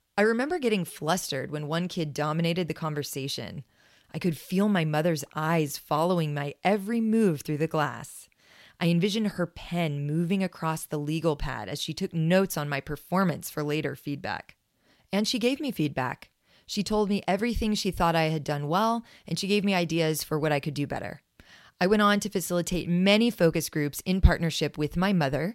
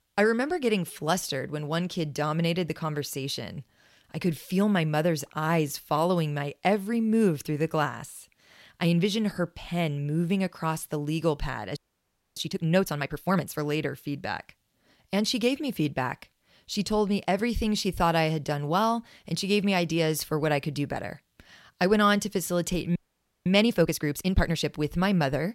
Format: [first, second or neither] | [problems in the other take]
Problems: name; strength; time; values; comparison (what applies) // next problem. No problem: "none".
first | audio freezing; at 12 s for 0.5 s and at 23 s for 0.5 s